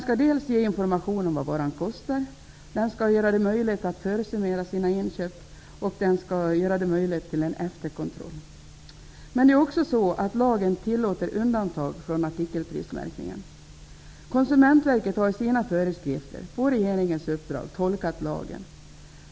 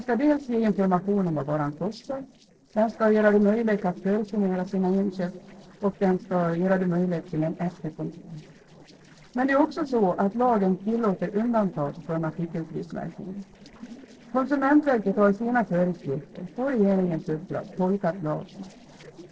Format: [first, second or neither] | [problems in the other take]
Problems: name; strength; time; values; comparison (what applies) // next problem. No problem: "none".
first | noise reduction (neural separator model SepFormer DNS4)